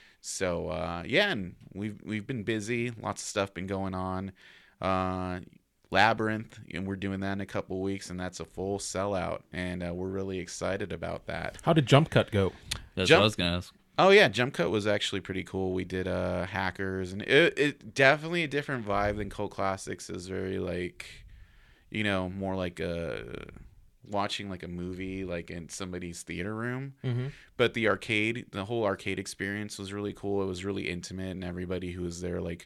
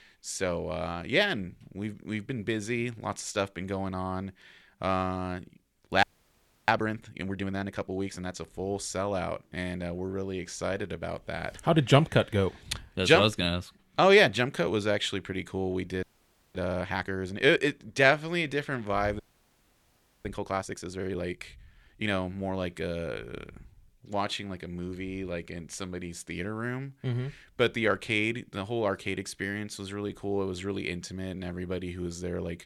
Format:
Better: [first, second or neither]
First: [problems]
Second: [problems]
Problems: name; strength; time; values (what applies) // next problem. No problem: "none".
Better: first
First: none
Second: audio freezing; at 6 s for 0.5 s, at 16 s for 0.5 s and at 19 s for 1 s